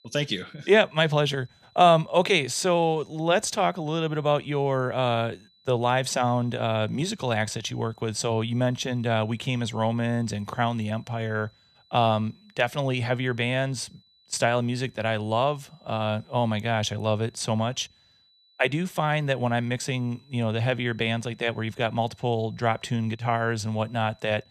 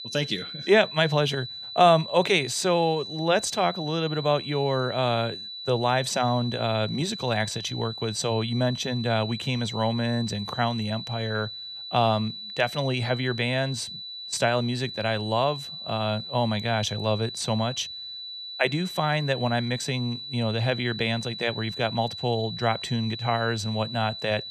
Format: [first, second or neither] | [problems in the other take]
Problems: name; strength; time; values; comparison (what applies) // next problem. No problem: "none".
first | high-pitched whine; loud; throughout; 4 kHz, 9 dB below the speech; faint in the first